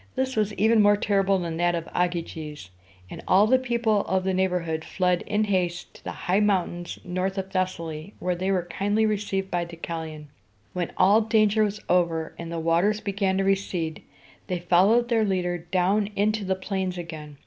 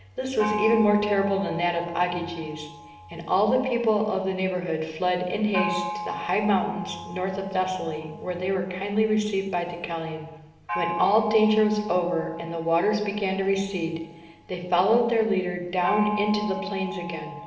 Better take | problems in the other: first | background sound (Gong); 11 dB below the speech // room echo; dies away in 1.2 s

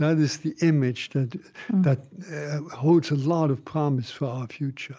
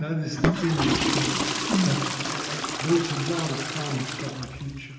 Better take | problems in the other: first | background sound (Toilet flush / Water); as loud as the speech // room echo; dies away in 1.1 s

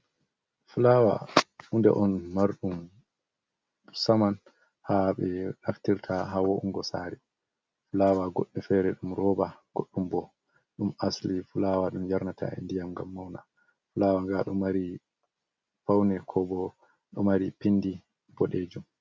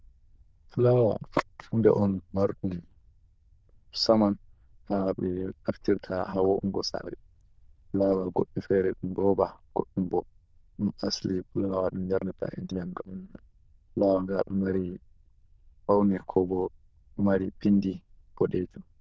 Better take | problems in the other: first | noise reduction (neural diffusion model UNIVERSE++)

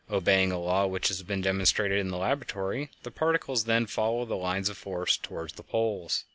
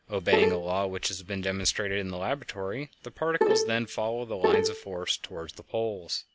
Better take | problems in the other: first | background sound (Bowed string instrument); 3 dB above the speech

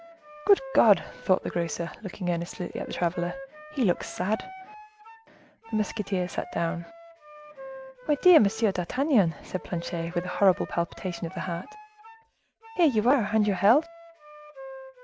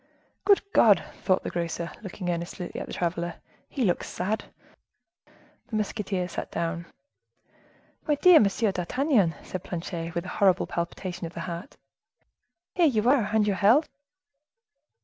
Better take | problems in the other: second | background sound (Wind instrument, woodwind instrument); 16 dB below the speech

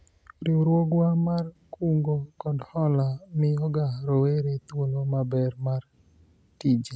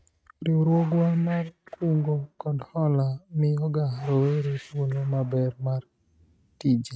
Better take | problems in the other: first | noise reduction (neural mask model RNNoise)

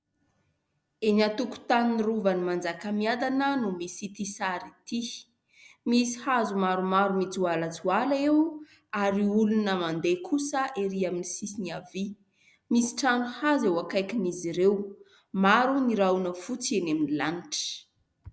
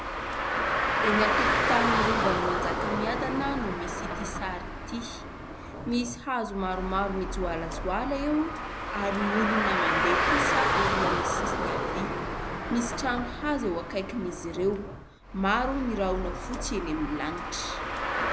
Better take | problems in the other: first | background sound (Car); 2 dB above the speech

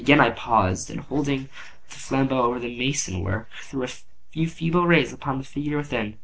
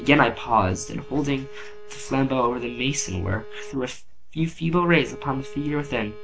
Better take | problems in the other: first | background sound (Bowed string instrument); 18 dB below the speech

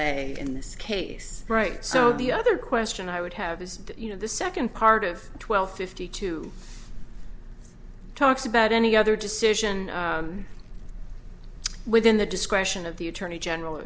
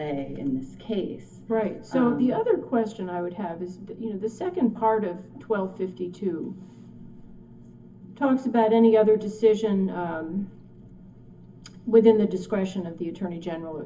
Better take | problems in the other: first | room echo; dies away in 0.3 s

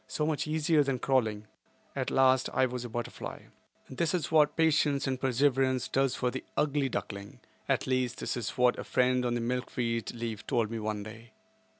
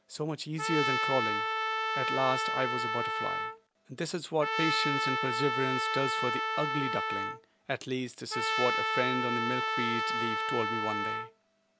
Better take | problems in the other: first | background sound (Trumpet); 3 dB above the speech

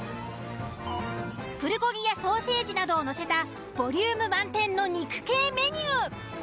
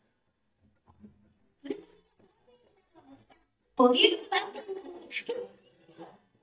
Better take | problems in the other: first | noise reduction (neural mask model DeepFilterNet 3)

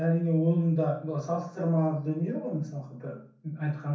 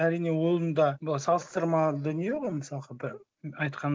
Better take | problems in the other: second | room echo; dies away in 0.6 s

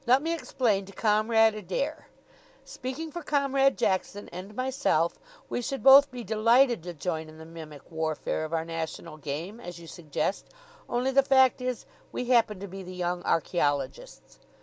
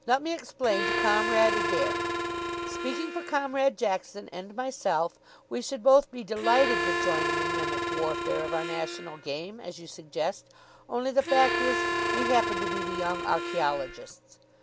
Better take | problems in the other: first | background sound (Harmonica); 1 dB below the speech

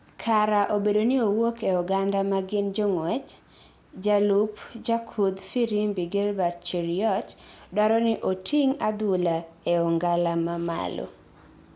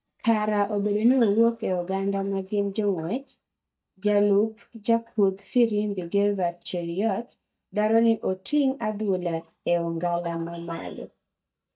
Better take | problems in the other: first | noise reduction (neural mask model DeepFilterNet 3)

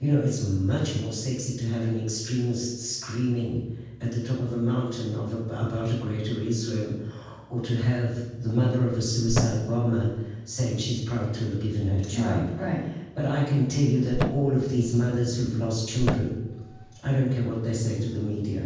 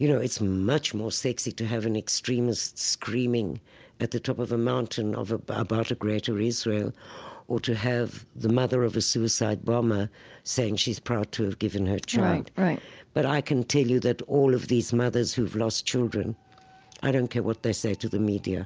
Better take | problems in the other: second | background sound (Thump, thud); 6 dB below the speech // room echo; dies away in 1.2 s

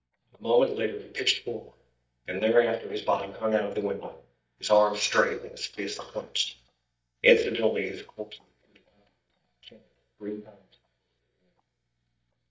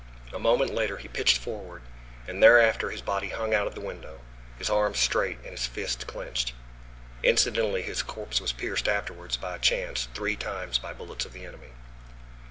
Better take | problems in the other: second | noise reduction (neural mask model DeepFilterNet 3)

